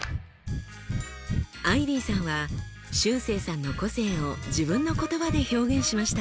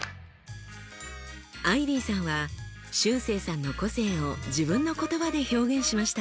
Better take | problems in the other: second | background sound (Breathing); 5 dB below the speech

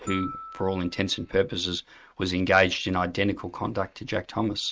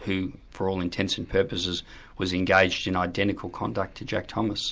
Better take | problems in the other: second | noise reduction (neural mask model RNNoise)

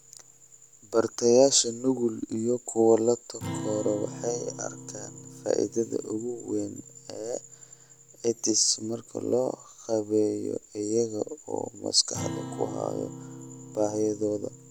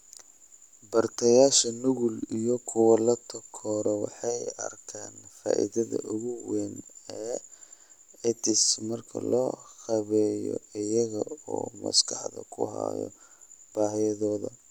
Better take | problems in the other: second | background sound (Acoustic guitar); 15 dB below the speech

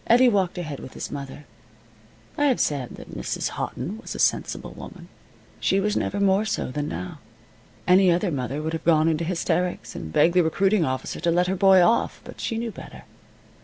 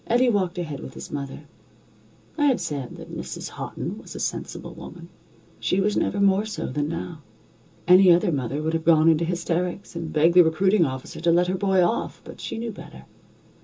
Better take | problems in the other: first | room echo; dies away in 0.2 s

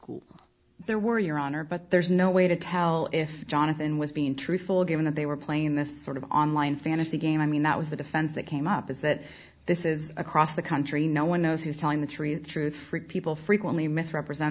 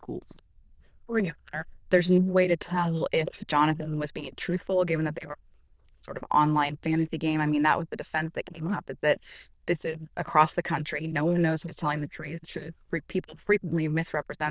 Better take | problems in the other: first | noise reduction (neural diffusion model UNIVERSE++)

